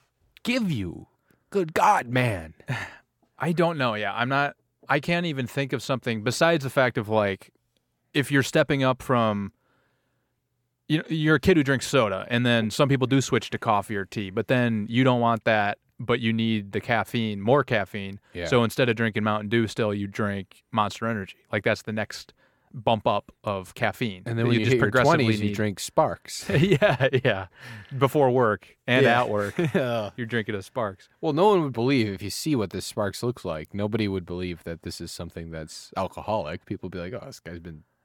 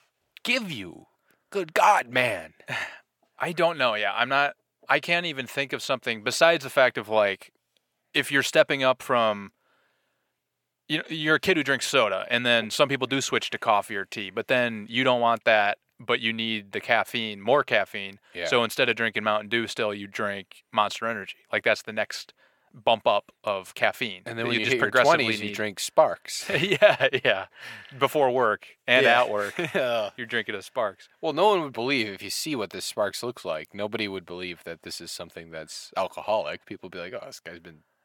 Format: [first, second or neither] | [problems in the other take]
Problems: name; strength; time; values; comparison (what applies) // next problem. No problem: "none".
first | thin; somewhat; fading below 650 Hz